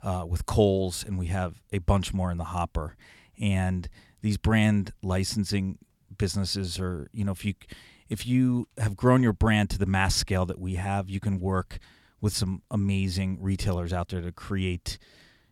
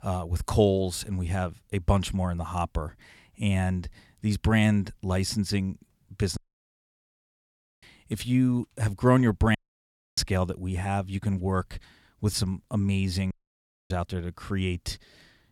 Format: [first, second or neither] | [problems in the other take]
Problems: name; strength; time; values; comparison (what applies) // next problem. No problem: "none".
first | audio cutting out; at 6.5 s for 1.5 s, at 9.5 s for 0.5 s and at 13 s for 0.5 s